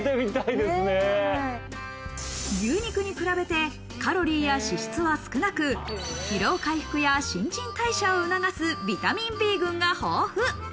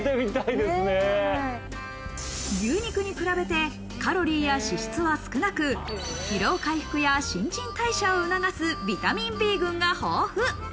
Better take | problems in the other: first | background sound (Marimba, xylophone / Wood + Engine); 16 dB below the speech

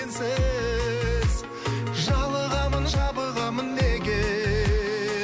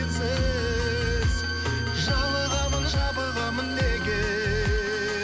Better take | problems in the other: first | background sound (Bass guitar + Bowed string instrument); 3 dB below the speech

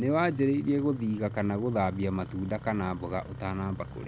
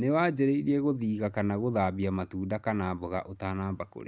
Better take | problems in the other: second | background sound (Engine starting); 13 dB below the speech

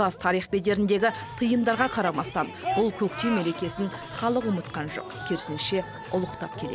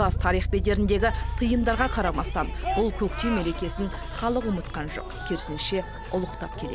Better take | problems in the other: first | background sound (Bass guitar); 4 dB below the speech

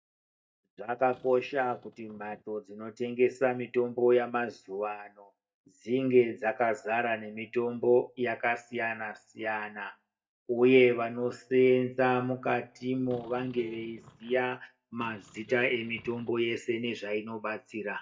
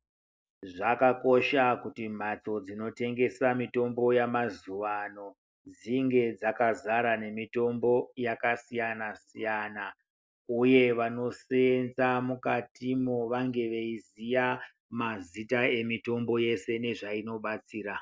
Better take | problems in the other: second | noise reduction (neural mask model DeepFilterNet 3)

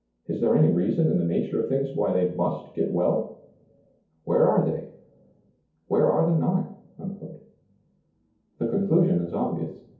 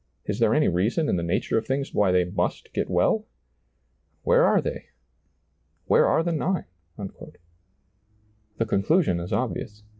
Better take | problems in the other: second | room echo; dies away in 0.6 s

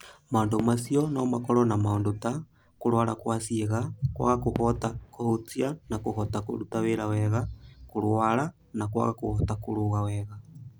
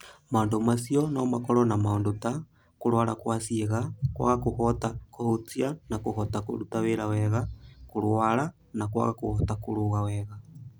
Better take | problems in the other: second | background sound (Fireworks); 19 dB below the speech

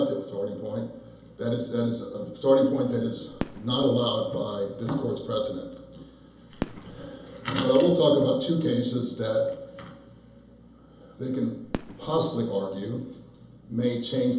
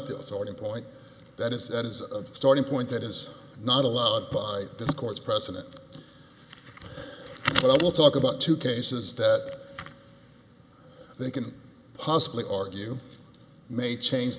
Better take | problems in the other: second | background sound (Fireworks); 14 dB below the speech // room echo; dies away in 2.2 s

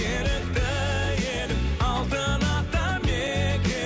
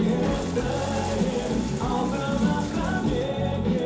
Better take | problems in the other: first | background sound (Toilet flush / Water); 14 dB below the speech // room echo; dies away in 0.5 s

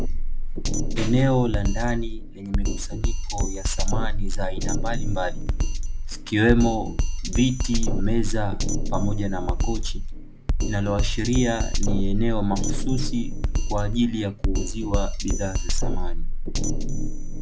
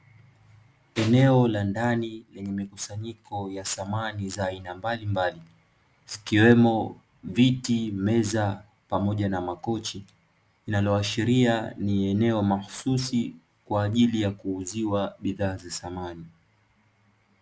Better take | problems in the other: second | background sound (Drum kit); 4 dB above the speech

